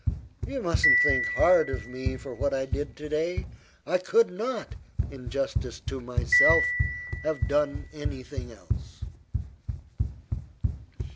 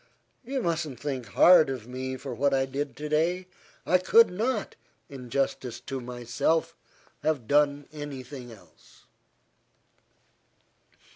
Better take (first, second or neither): second